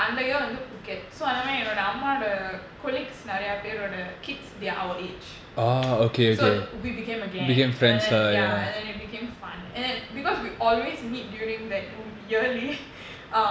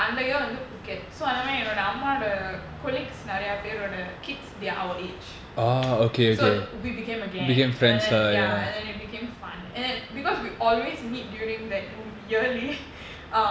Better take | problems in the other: first | background sound (Car passing by); 20 dB below the speech

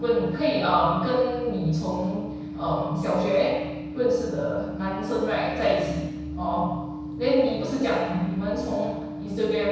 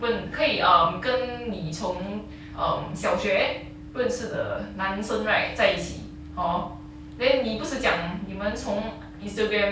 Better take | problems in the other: second | room echo; dies away in 1 s

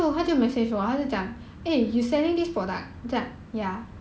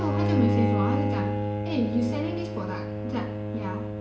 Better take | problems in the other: first | background sound (Bowed string instrument); 3 dB above the speech // room echo; dies away in 0.8 s

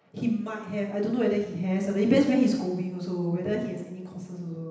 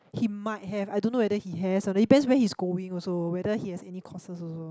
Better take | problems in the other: second | room echo; dies away in 0.9 s

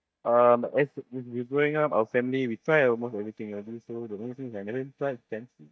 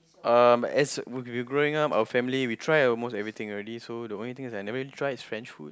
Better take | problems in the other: second | noise reduction (neural mask model DeepFilterNet 3)

